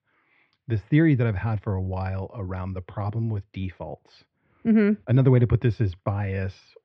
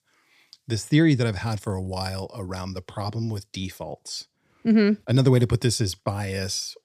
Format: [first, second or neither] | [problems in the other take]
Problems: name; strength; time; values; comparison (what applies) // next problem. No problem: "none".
second | muffled; very; fading above 2.5 kHz